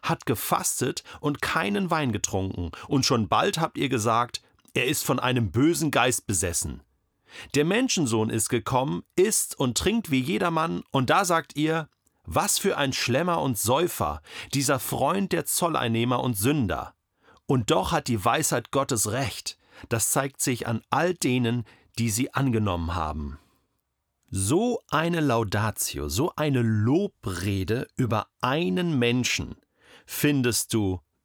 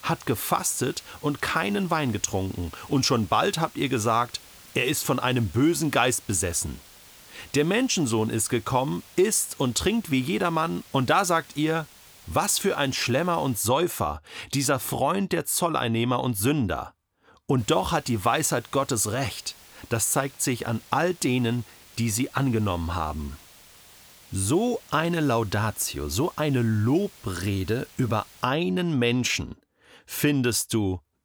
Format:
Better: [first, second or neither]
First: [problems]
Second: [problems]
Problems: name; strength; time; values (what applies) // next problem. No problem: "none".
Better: first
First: none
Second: hiss; faint; until 14 s and from 18 to 28 s; 20 dB below the speech